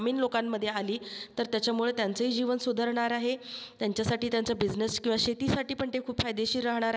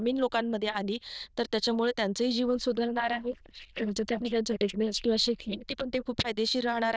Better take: first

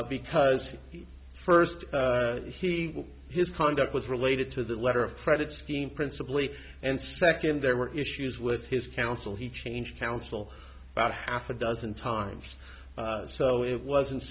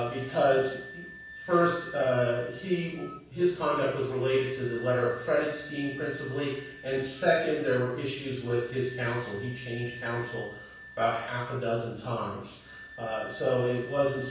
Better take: first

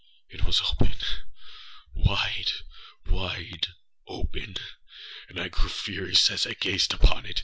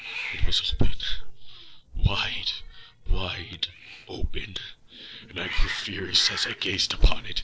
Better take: first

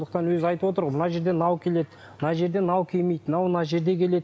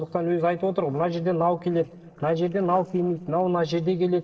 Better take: first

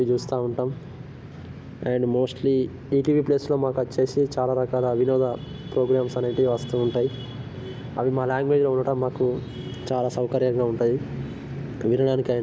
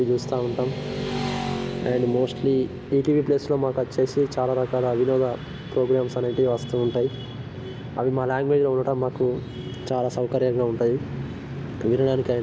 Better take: first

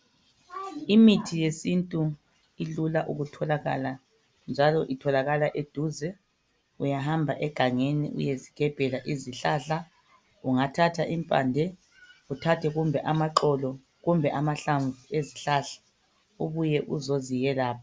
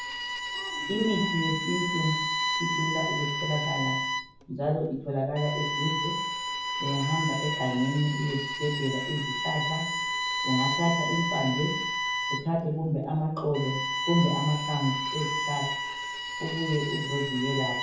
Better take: first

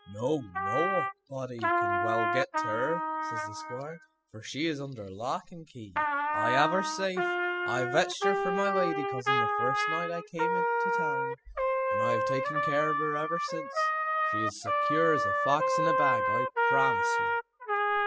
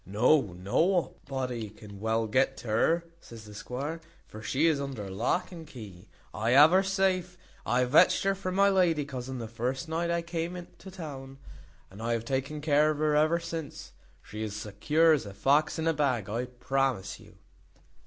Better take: second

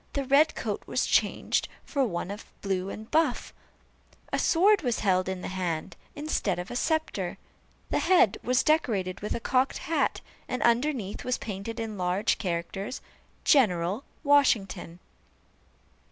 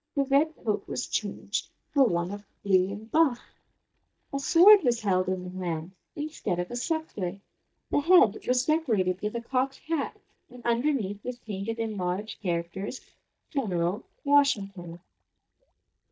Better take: first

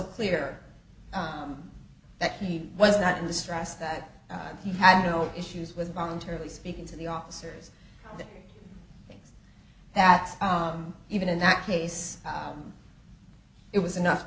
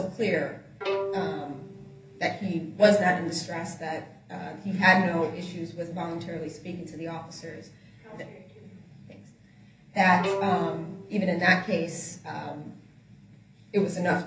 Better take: first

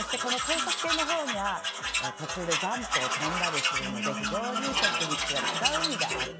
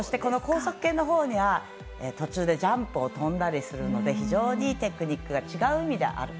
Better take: second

